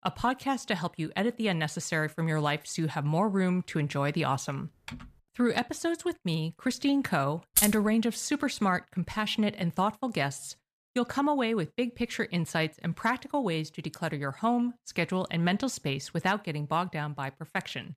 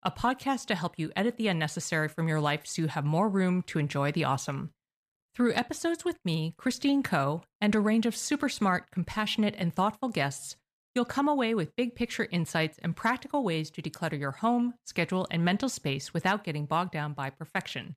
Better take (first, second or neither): second